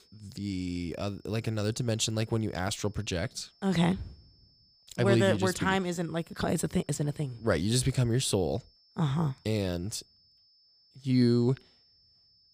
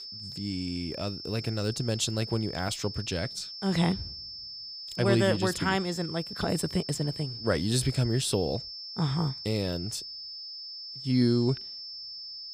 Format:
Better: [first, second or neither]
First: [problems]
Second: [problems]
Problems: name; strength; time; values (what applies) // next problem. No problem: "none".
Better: first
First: high-pitched whine; faint; throughout; 5.5 kHz, 30 dB below the speech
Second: high-pitched whine; loud; throughout; 5.5 kHz, 8 dB below the speech